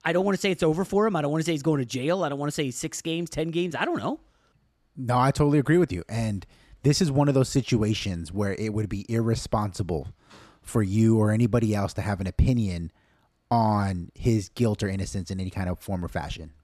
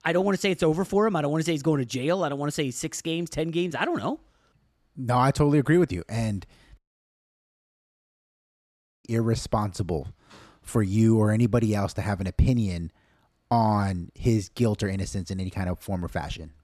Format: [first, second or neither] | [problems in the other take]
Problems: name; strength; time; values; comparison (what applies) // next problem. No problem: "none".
first | audio cutting out; at 7 s for 2.5 s